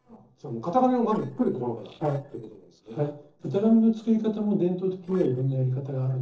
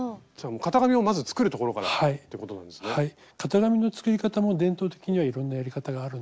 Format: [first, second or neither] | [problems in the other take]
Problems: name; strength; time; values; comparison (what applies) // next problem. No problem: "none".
second | noise reduction (neural separator model SepFormer DNS4)